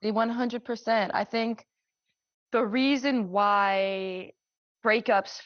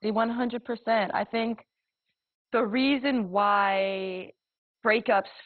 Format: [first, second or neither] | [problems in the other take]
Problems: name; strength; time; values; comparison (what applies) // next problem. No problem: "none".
first | garbled, watery; badly; nothing above 4 kHz; slightly in the first